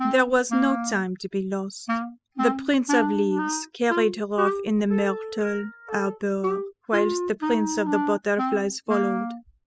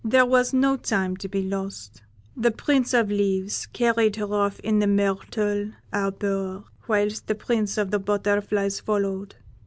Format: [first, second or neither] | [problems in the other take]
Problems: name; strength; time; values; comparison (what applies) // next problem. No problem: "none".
second | noise reduction (classical method spectral subtraction)